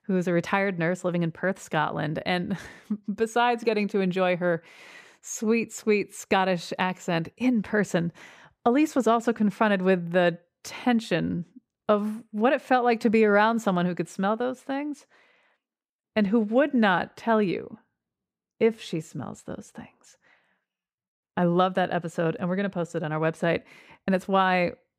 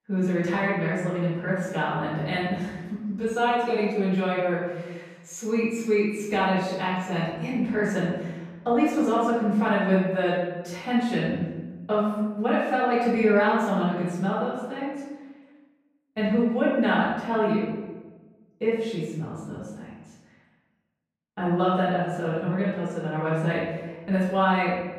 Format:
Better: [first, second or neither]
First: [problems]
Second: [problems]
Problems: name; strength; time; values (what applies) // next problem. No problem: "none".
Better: first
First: none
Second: off-mic speech; far // room echo; noticeable; dies away in 1.1 s